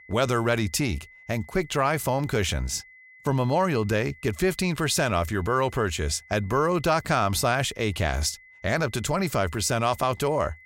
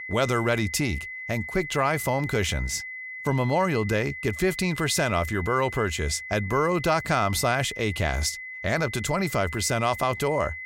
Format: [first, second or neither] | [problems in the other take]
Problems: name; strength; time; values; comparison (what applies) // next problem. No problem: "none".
first | high-pitched whine; loud; throughout; 2 kHz, 9 dB below the speech; faint in the first